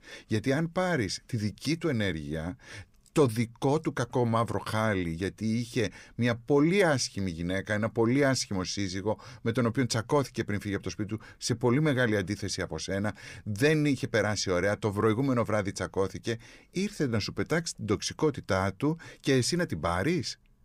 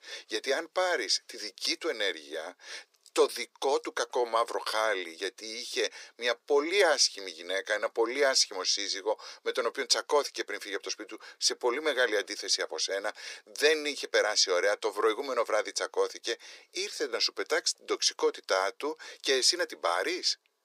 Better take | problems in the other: first | thin; very; fading below 400 Hz

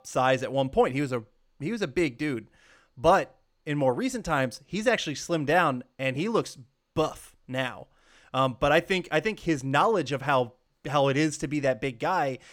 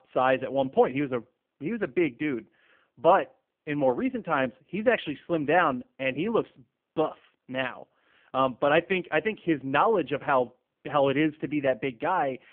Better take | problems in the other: first | phone-call audio; poor line; nothing above 3 kHz

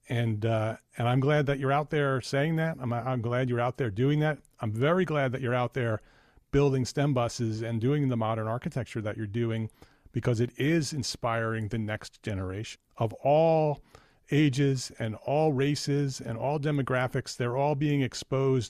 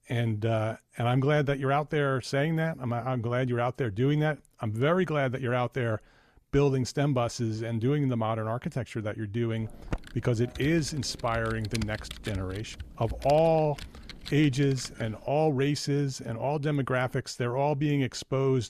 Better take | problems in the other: first | keyboard typing; noticeable; from 9.5 to 15 s; peak 9 dB below the speech

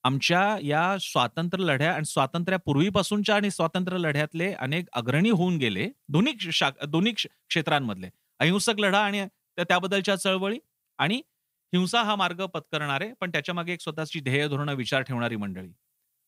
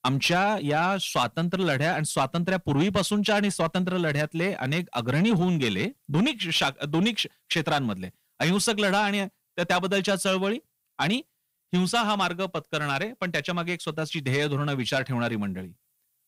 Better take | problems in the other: first | distortion; slight; 10 dB below the speech

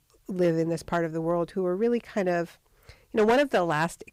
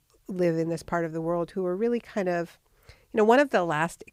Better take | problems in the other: second | distortion; slight; 3% of the sound clipped

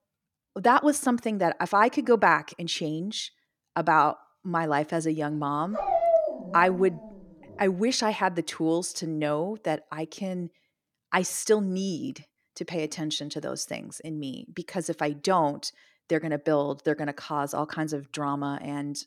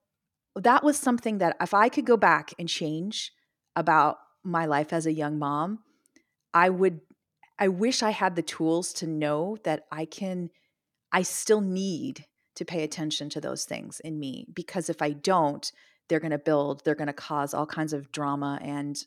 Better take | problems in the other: second | dog barking; loud; at 6 s; peak 4 dB above the speech

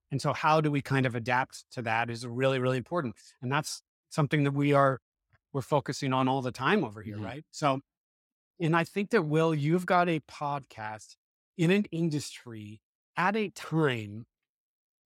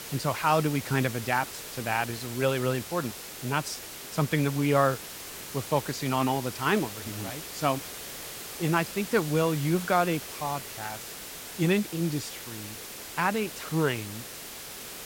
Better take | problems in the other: first | hiss; loud; throughout; 9 dB below the speech

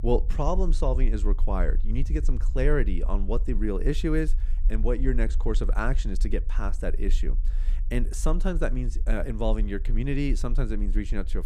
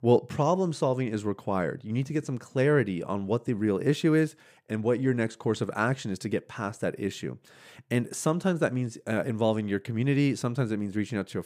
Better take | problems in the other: second | low rumble; faint; throughout; 20 dB below the speech

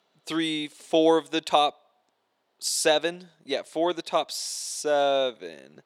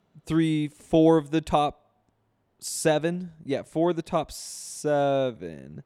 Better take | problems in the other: second | thin; somewhat; fading below 450 Hz

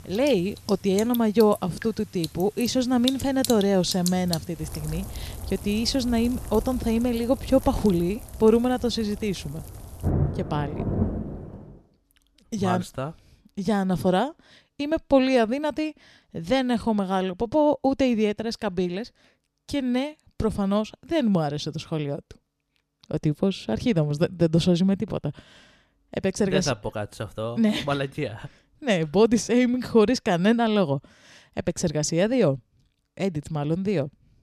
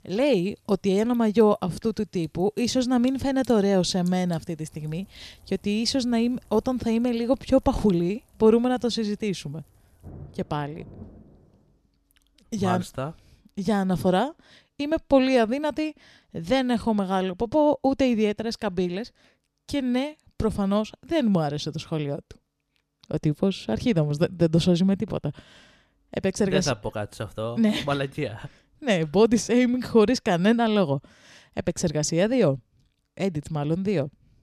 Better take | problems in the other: second | rain or running water; loud; until 11 s; 10 dB below the speech; faint in the second

